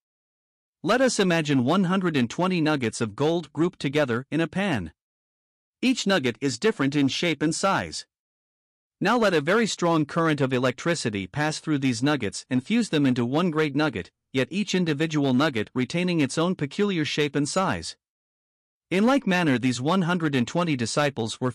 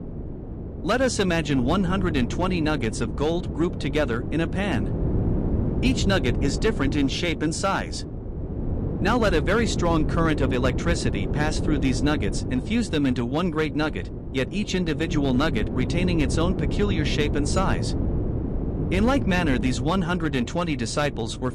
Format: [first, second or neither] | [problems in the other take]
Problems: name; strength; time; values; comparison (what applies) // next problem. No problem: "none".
first | wind noise on the microphone; heavy; 9 dB below the speech